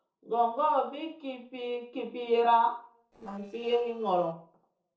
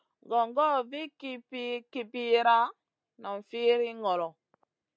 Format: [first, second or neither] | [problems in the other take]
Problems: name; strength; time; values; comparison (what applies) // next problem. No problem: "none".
second | noise reduction (neural separator model SepFormer DNS4)